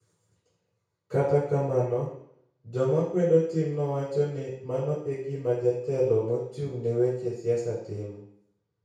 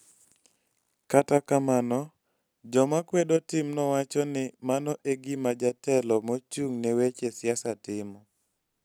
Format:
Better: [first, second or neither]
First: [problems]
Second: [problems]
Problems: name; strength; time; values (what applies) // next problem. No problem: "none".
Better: second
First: room echo; dies away in 0.6 s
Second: none